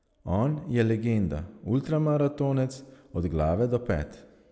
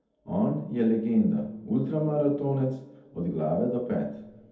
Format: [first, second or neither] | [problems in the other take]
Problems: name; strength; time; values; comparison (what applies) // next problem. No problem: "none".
first | room echo; dies away in 0.6 s